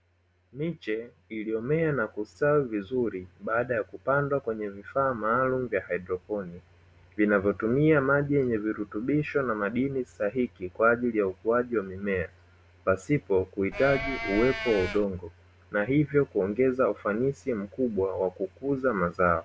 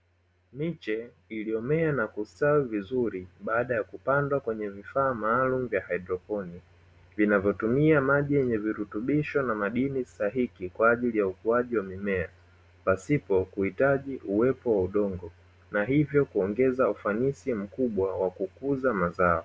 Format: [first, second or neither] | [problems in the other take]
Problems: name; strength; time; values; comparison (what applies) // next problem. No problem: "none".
second | background sound (Livestock, farm animals, working animals); 6 dB below the speech